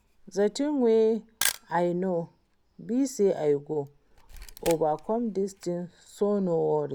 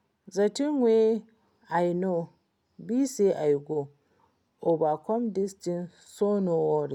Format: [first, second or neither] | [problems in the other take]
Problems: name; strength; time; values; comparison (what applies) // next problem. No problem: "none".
second | background sound (Camera); 14 dB below the speech